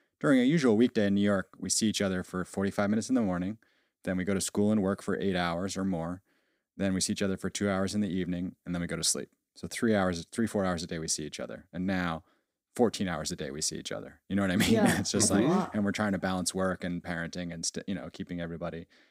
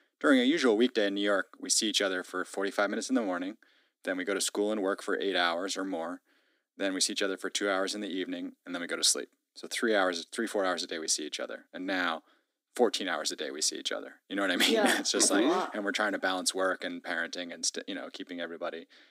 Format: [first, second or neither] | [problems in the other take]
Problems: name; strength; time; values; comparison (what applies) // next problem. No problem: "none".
first | thin; somewhat; fading below 250 Hz